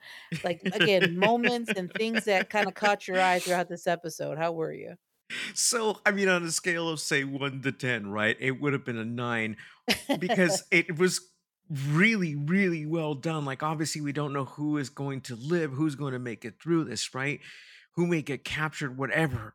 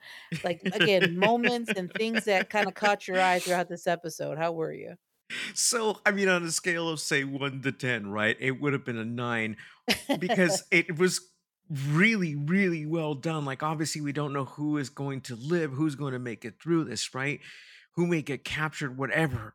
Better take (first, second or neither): neither